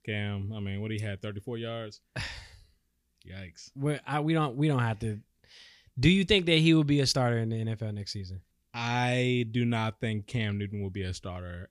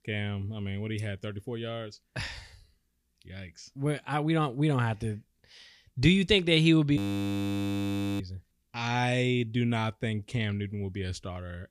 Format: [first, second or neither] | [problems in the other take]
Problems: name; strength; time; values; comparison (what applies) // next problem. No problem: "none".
first | audio freezing; at 7 s for 1 s